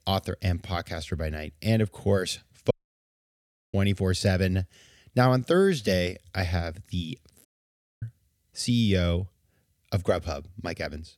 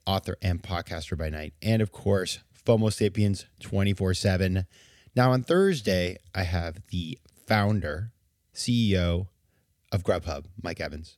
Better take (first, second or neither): second